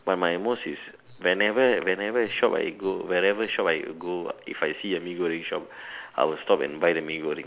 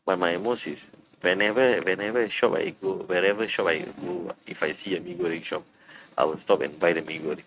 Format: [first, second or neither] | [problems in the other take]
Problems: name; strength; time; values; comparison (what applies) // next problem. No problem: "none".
first | noise reduction (neural mask model RNNoise)